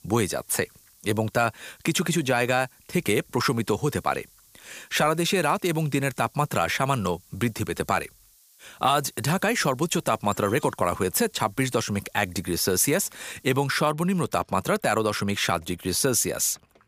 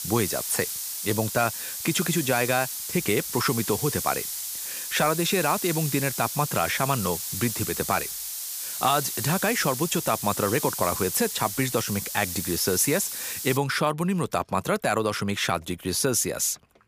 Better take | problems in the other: first | hiss; loud; until 14 s; 4 dB below the speech; faint in the first

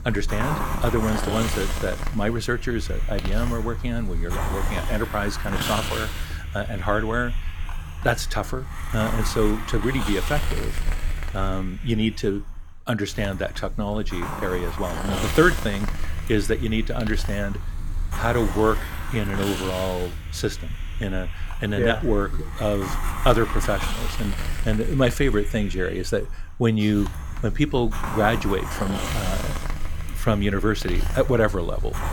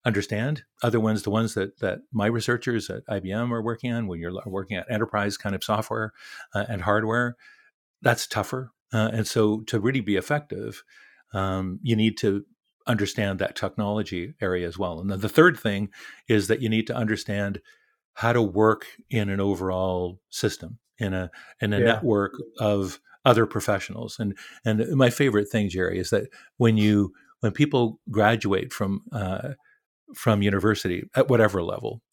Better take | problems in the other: second | hiss; loud; throughout; 5 dB below the speech

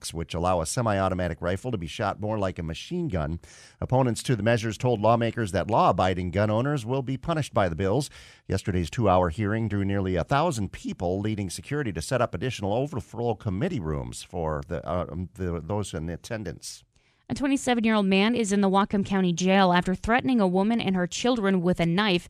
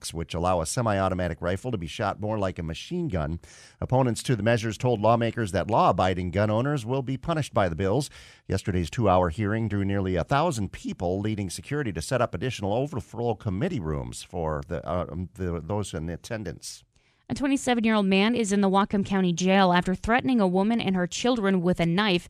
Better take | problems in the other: neither | none

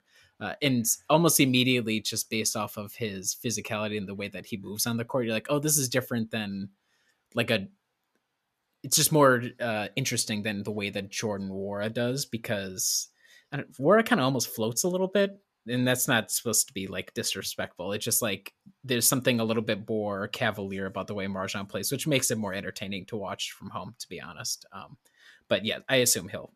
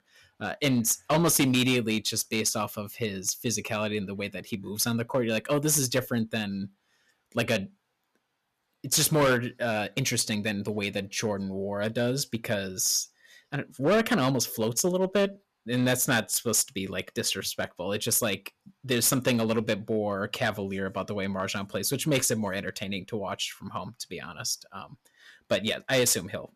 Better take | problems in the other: first | distortion; slight; 3% of the sound clipped

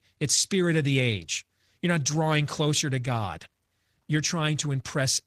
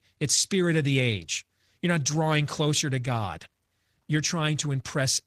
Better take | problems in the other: neither | garbled, watery; slightly; the same in both

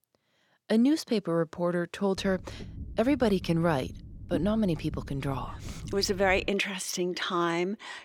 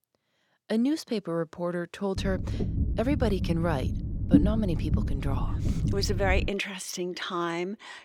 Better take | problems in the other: first | low rumble; loud; from 2 to 6.5 s; 6 dB below the speech; faint in the first

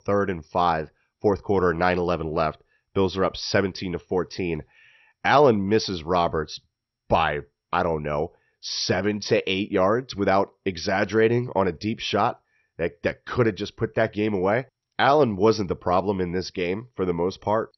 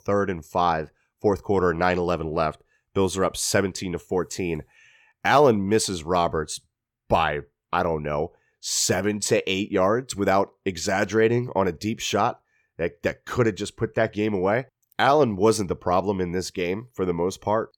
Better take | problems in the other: second | garbled, watery; slightly; nothing above 6 kHz

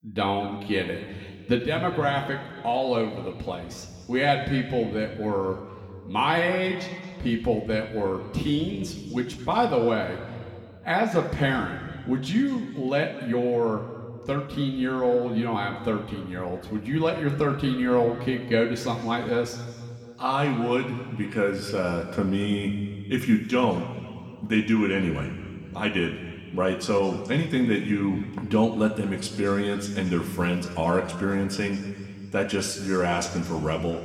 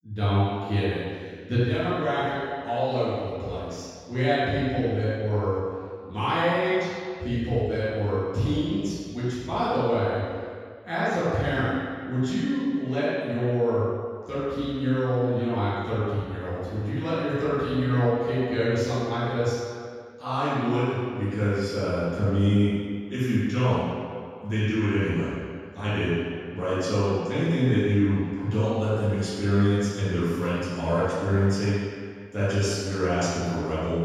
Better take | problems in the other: first | room echo; strong; dies away in 1.9 s; slight in the first // off-mic speech; far; somewhat distant in the first

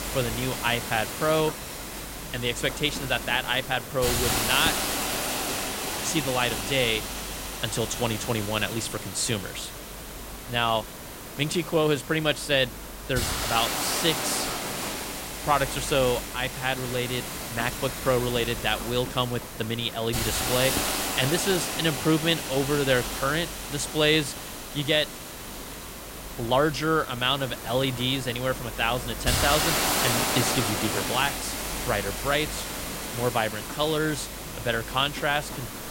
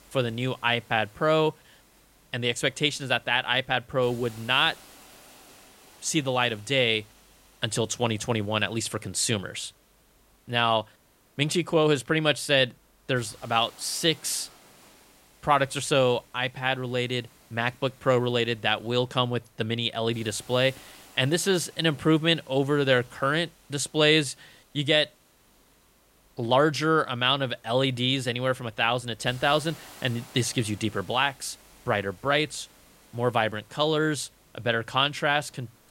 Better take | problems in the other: second | hiss; loud; throughout; 4 dB below the speech; faint in the second

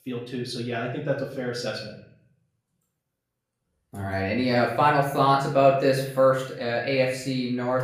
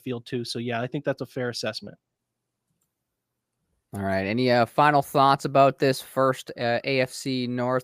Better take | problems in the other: second | room echo; noticeable; dies away in 0.6 s // off-mic speech; far

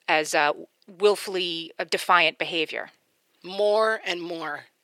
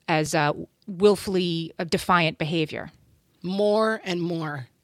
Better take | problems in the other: second | thin; very; fading below 500 Hz

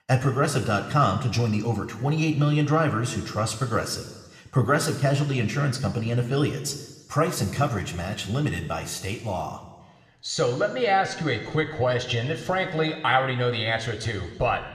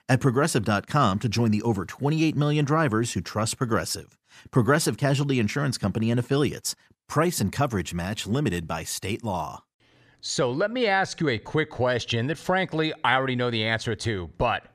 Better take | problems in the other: second | room echo; slight; dies away in 1.1 s

